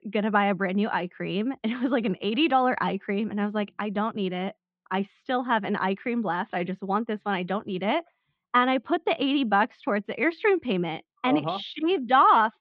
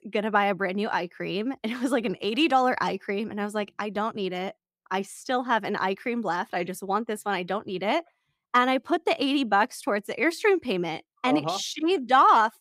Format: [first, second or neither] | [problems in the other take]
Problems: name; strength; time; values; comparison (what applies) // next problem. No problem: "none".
second | muffled; slightly; fading above 3.5 kHz